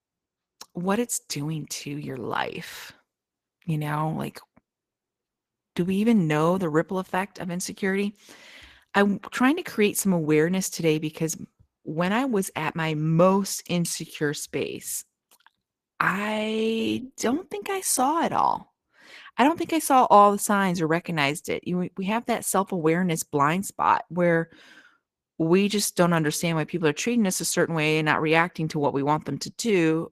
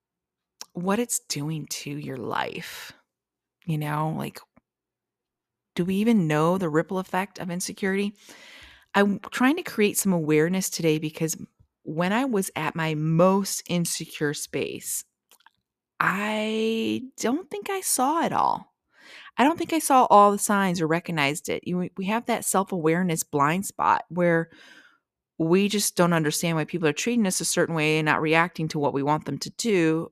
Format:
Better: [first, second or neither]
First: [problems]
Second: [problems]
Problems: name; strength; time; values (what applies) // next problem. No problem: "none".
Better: second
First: garbled, watery; slightly; nothing above 14.5 kHz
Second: none